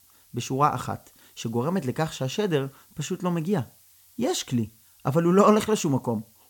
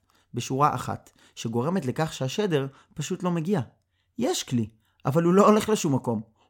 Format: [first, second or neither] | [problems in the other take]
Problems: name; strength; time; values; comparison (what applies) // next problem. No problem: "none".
second | hiss; faint; throughout; 30 dB below the speech